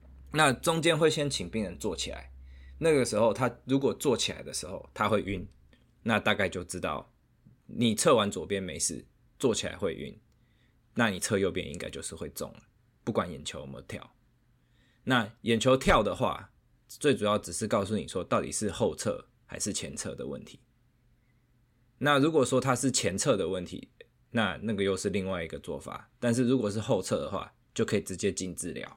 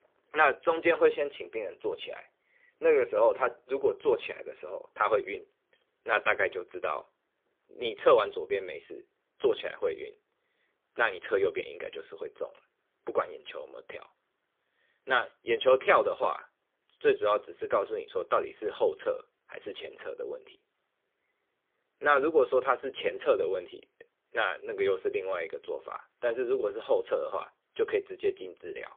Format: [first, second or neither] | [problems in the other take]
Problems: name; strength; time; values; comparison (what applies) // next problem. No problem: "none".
first | phone-call audio; poor line; nothing above 3.5 kHz